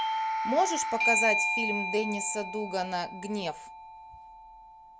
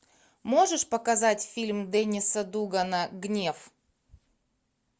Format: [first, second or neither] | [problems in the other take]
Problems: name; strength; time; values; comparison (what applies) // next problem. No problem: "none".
second | background sound (Doorbell); 1 dB above the speech